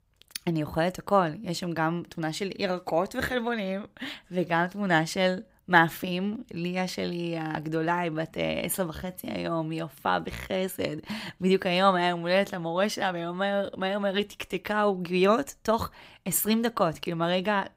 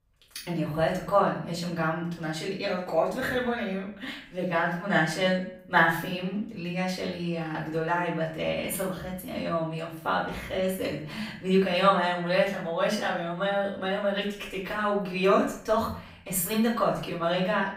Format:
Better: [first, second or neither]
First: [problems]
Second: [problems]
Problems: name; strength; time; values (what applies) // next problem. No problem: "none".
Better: first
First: none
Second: off-mic speech; far // room echo; noticeable; dies away in 0.5 s